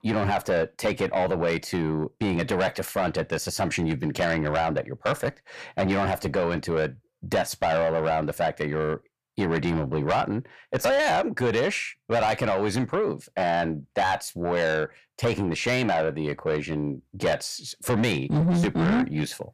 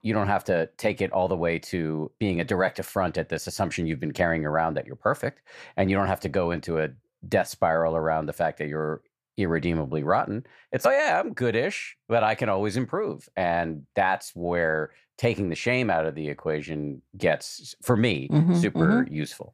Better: second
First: distortion; heavy; 8 dB below the speech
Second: none

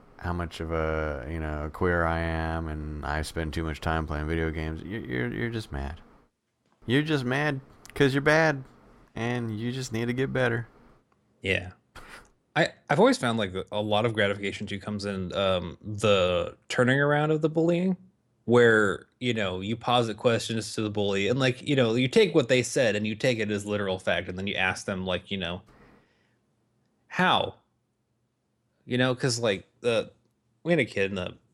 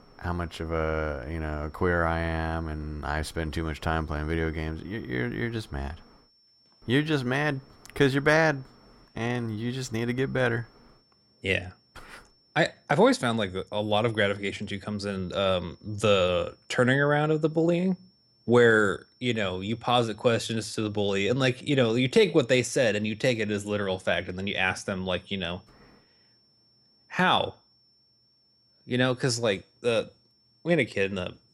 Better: first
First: none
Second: high-pitched whine; faint; throughout; 5.5 kHz, 35 dB below the speech

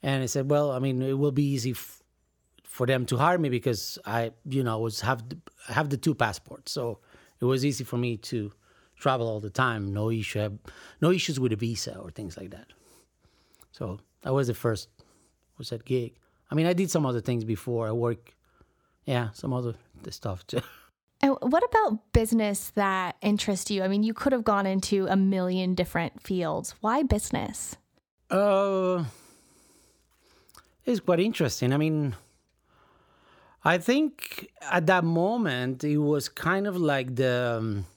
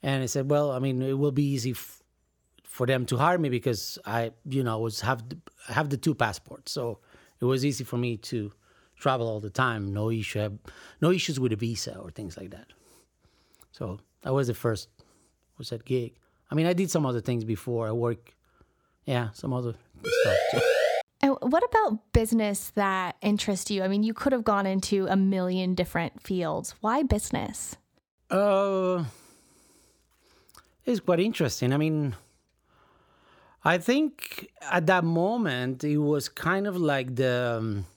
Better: first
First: none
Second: siren; loud; at 20 s; peak 4 dB above the speech

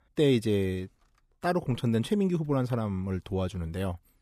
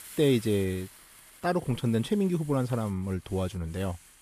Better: first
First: none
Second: hiss; noticeable; throughout; 20 dB below the speech

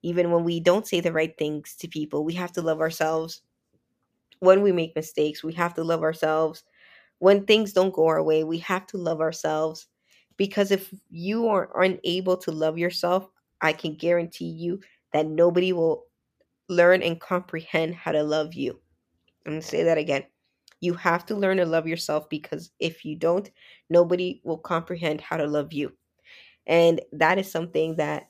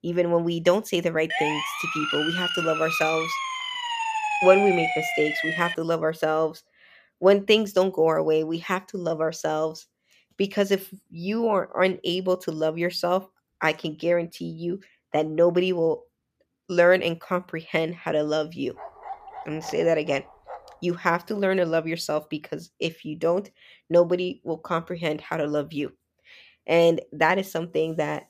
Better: first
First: none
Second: siren; loud; from 1.5 to 6 s; peak 1 dB above the speech // dog barking; faint; from 19 to 21 s; peak 15 dB below the speech

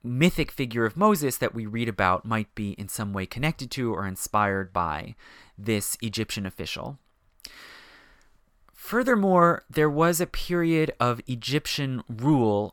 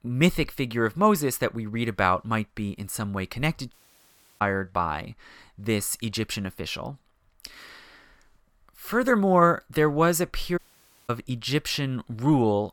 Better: first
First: none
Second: audio cutting out; at 3.5 s for 0.5 s and at 11 s for 0.5 s

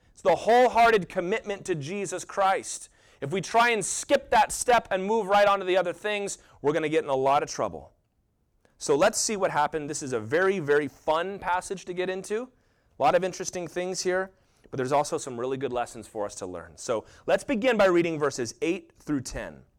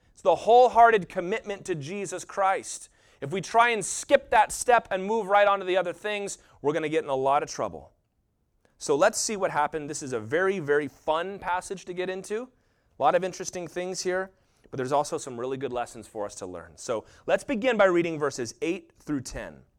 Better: second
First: distortion; slight; 2% of the sound clipped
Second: none

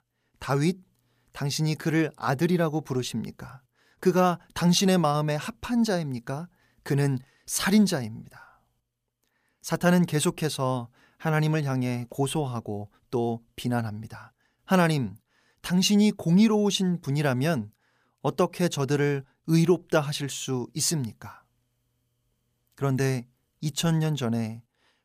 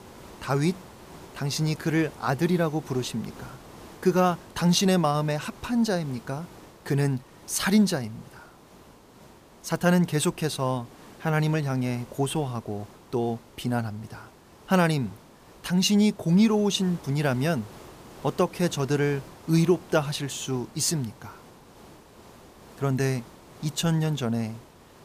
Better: first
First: none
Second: hiss; faint; throughout; 20 dB below the speech

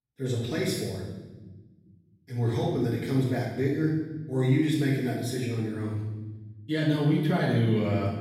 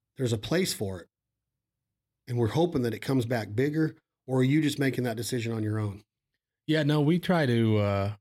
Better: second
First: off-mic speech; far // room echo; noticeable; dies away in 1.1 s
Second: none

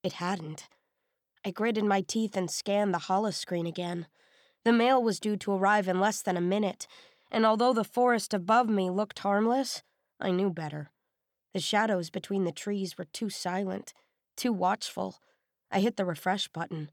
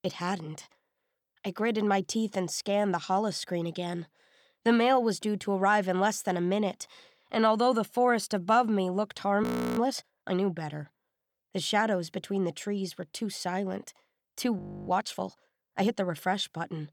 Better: first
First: none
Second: audio freezing; at 9.5 s and at 15 s

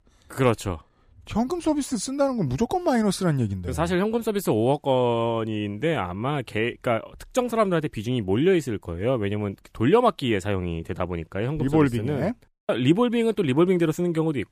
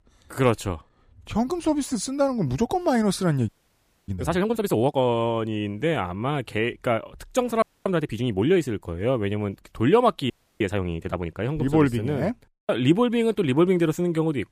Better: first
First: none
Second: audio freezing; at 3.5 s for 0.5 s, at 7.5 s and at 10 s

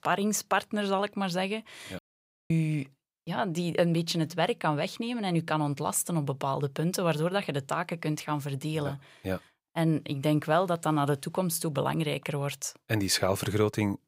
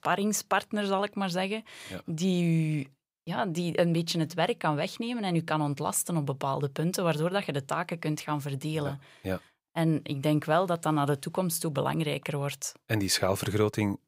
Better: second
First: audio cutting out; at 2 s for 0.5 s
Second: none

